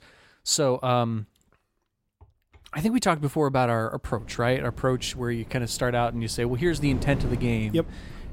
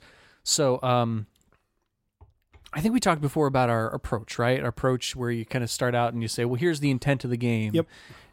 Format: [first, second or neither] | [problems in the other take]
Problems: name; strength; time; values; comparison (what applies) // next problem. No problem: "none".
second | wind noise on the microphone; occasional gusts; from 4 s on; 20 dB below the speech